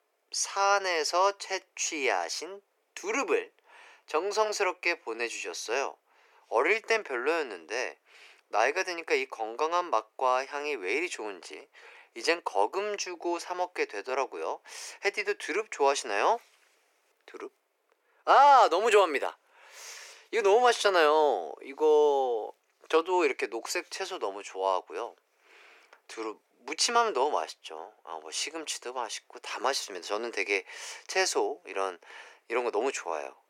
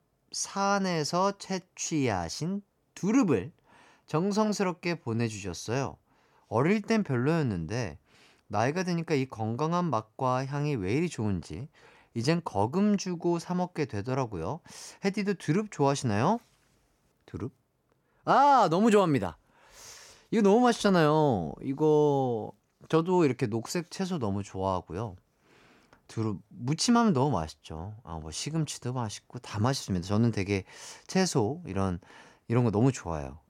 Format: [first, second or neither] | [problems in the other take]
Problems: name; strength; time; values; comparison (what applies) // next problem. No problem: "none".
second | thin; very; fading below 400 Hz